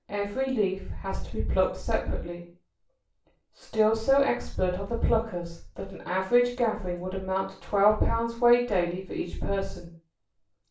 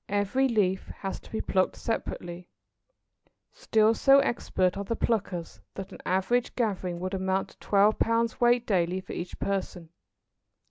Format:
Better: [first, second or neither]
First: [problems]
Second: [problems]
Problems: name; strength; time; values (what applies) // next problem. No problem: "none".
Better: second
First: room echo; dies away in 0.3 s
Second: none